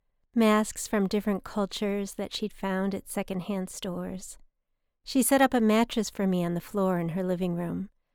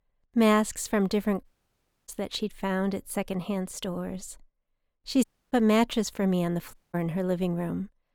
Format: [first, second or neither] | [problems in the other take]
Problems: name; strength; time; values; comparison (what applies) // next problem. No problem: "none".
first | audio cutting out; at 1.5 s for 0.5 s, at 5 s and at 6.5 s